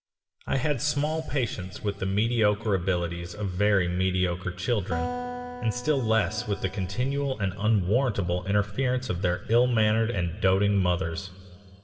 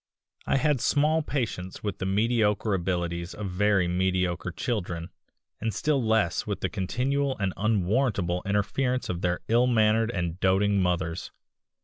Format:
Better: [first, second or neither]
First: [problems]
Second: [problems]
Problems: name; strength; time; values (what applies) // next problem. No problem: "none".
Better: second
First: background sound (Acoustic guitar); 12 dB below the speech // room echo; dies away in 2.2 s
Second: none